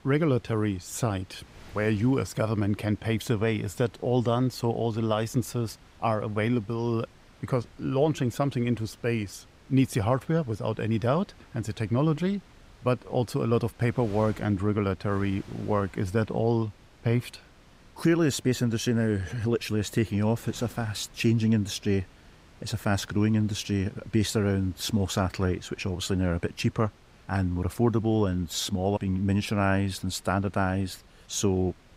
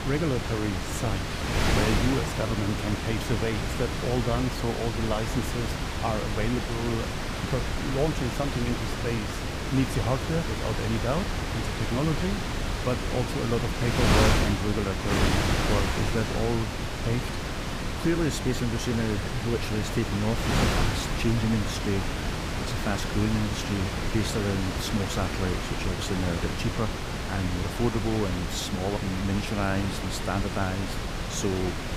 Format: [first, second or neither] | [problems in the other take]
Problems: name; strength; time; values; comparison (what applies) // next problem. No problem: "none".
first | wind noise on the microphone; heavy; 2 dB above the speech; occasional gusts in the first